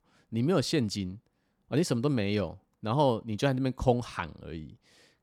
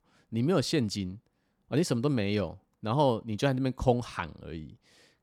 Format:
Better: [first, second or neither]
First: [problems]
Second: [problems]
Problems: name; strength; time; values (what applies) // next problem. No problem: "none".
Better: neither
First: none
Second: none